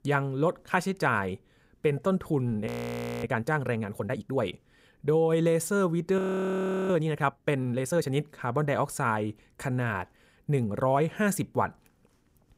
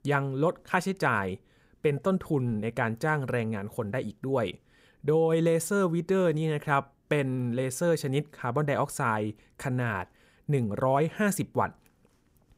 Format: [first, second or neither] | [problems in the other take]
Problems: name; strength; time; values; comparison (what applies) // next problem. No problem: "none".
second | audio freezing; at 2.5 s for 0.5 s and at 6 s for 0.5 s